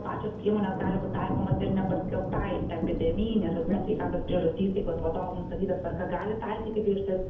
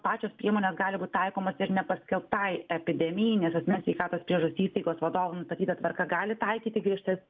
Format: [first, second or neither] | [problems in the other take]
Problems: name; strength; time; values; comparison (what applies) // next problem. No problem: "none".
second | background sound (Thunder); 3 dB below the speech // room echo; dies away in 0.7 s